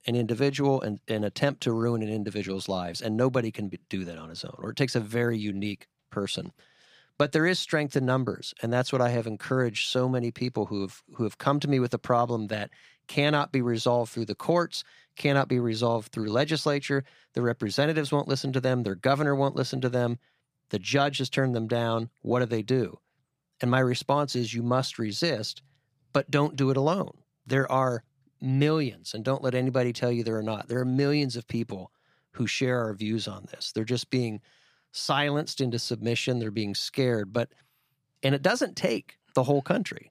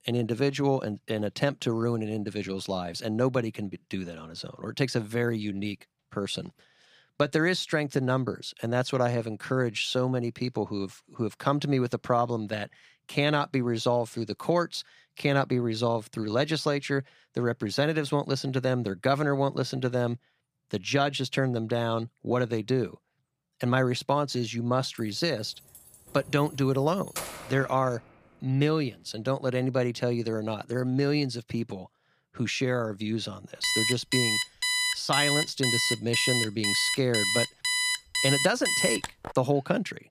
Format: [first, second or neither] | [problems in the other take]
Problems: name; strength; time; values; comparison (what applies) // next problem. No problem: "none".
first | jangling keys; noticeable; from 25 to 28 s; peak 7 dB below the speech // alarm; loud; from 34 to 39 s; peak 4 dB above the speech